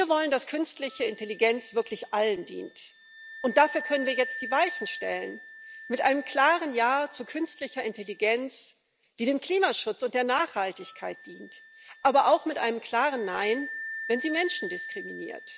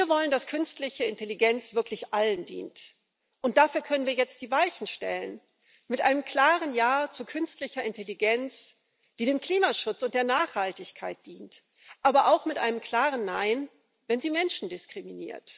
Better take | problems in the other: second | background sound (Wind instrument, woodwind instrument); 14 dB below the speech

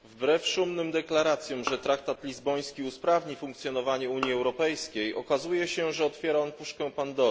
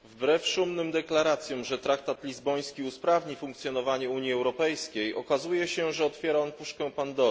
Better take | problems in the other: second | background sound (Bowed string instrument); 14 dB below the speech

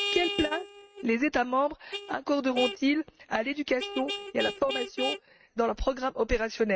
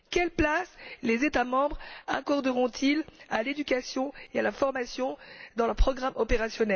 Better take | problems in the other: second | noise reduction (neural mask model RNNoise)

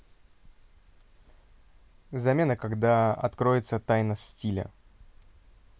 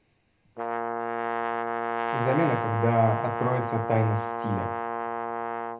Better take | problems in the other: first | background sound (Brass instrument); 1 dB below the speech // room echo; dies away in 0.3 s

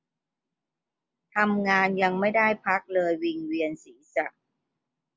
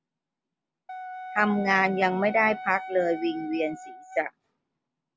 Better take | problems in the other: first | background sound (Wind instrument, woodwind instrument); 12 dB below the speech

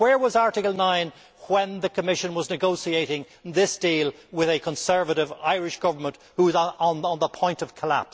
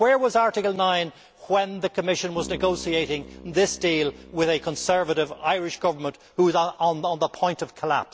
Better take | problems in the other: first | background sound (Keyboard (musical)); 19 dB below the speech

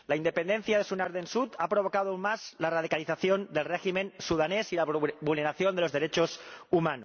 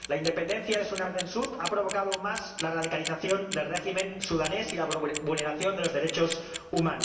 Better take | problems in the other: first | background sound (Clock); 9 dB below the speech // room echo; dies away in 1 s

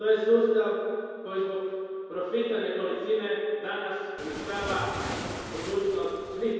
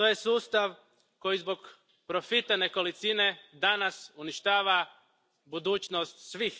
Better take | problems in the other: second | background sound (Waves, surf); 9 dB below the speech // room echo; dies away in 2.2 s

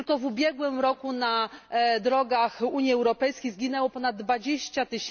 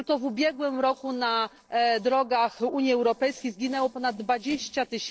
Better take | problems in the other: first | noise reduction (neural separator model SepFormer DNS4)

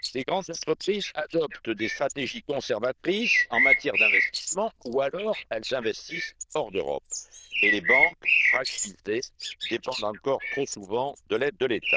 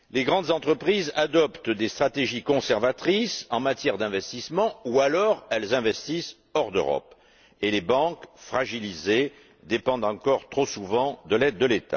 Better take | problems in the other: second | noise reduction (neural diffusion model UNIVERSE++)

